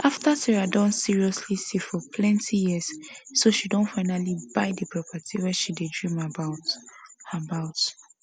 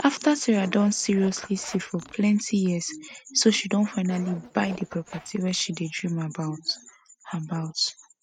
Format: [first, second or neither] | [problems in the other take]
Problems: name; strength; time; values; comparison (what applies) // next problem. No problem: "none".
first | noise reduction (neural mask model RNNoise)